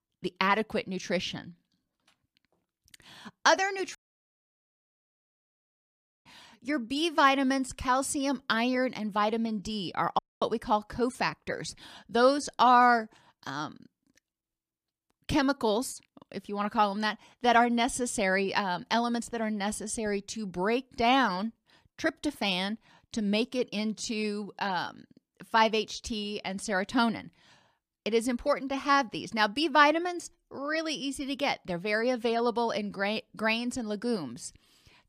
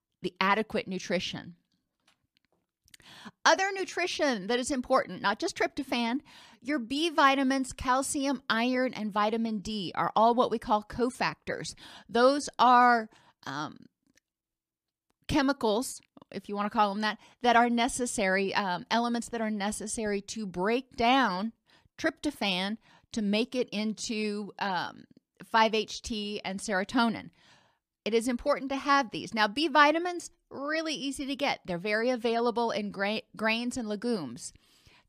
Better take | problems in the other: second | audio cutting out; at 4 s for 2.5 s and at 10 s

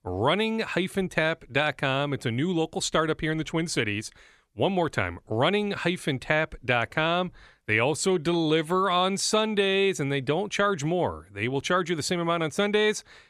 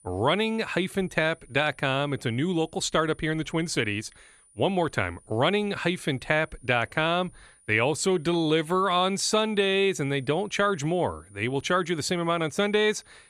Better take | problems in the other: first | high-pitched whine; faint; throughout; 9.5 kHz, 30 dB below the speech

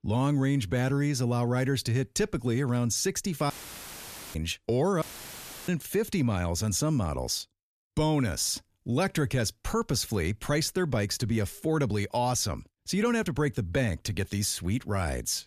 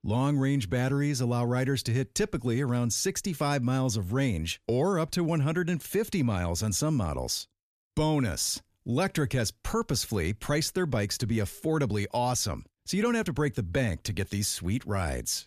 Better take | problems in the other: second | audio cutting out; filled with static; at 3.5 s for 1 s and at 5 s for 0.5 s

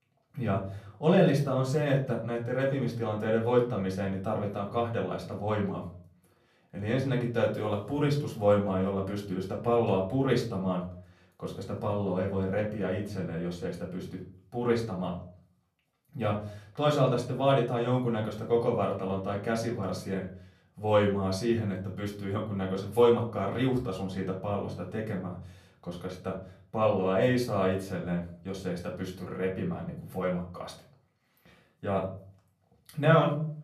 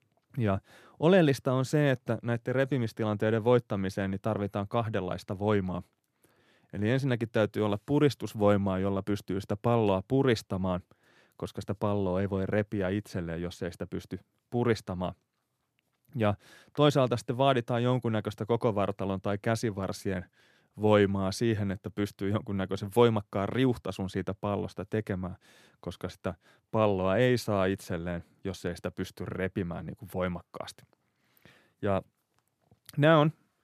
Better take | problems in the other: second | off-mic speech; far // room echo; slight; dies away in 0.4 s

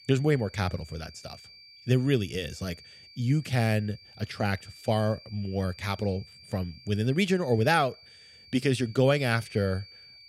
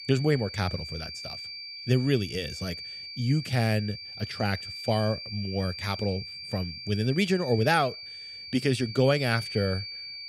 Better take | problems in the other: first | high-pitched whine; loud; throughout; 4.5 kHz, 9 dB below the speech; faint in the first

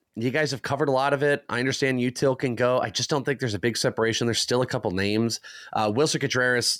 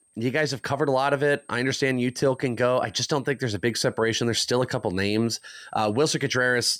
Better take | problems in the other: first | high-pitched whine; faint; throughout; 8.5 kHz, 35 dB below the speech

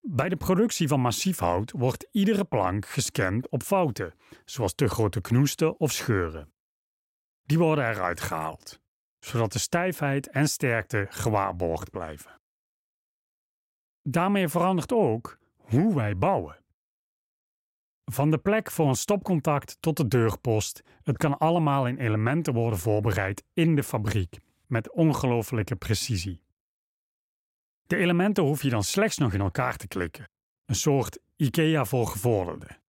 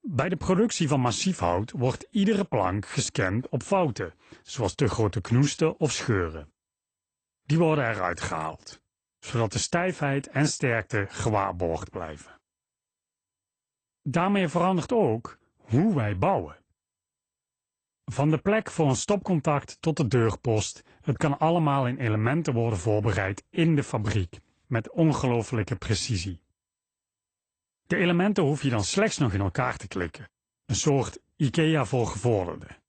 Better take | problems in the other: first | garbled, watery; slightly; nothing above 8.5 kHz

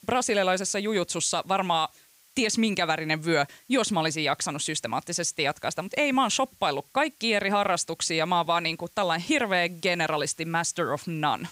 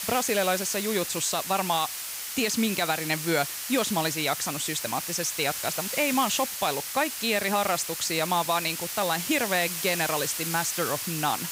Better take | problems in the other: first | hiss; loud; throughout; 4 dB below the speech; faint in the first

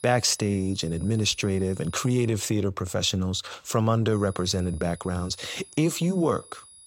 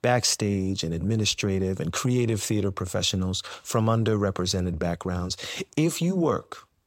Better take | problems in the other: second | high-pitched whine; faint; until 2.5 s and from 4 s on; 10.5 kHz, 20 dB below the speech

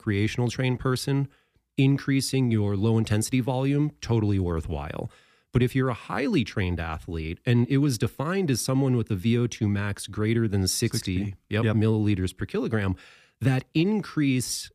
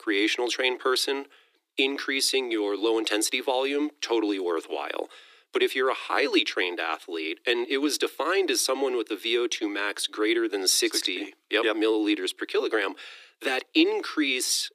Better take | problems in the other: first | thin; very; fading below 300 Hz

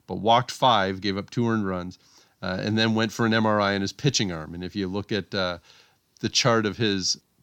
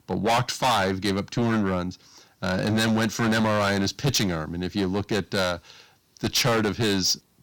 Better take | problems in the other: first | distortion; heavy; 15% of the sound clipped

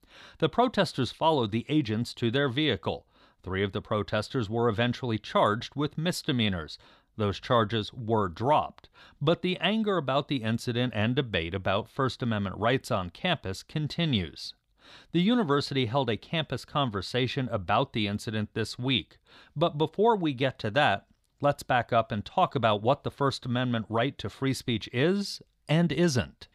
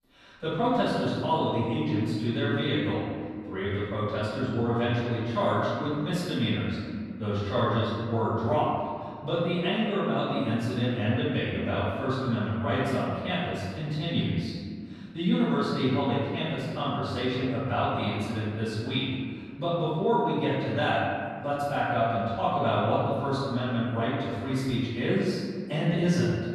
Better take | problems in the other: first | off-mic speech; far // room echo; strong; dies away in 2.1 s

